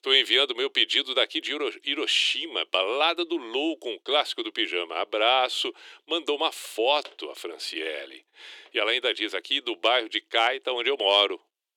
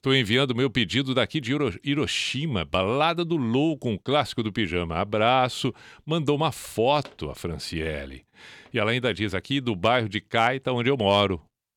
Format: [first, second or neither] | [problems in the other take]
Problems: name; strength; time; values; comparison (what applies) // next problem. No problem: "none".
second | thin; very; fading below 350 Hz